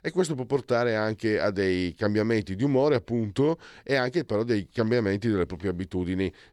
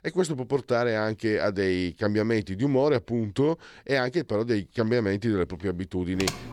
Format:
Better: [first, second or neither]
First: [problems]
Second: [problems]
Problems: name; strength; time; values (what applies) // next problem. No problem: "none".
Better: first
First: none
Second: keyboard typing; very faint; at 6 s; peak 5 dB below the speech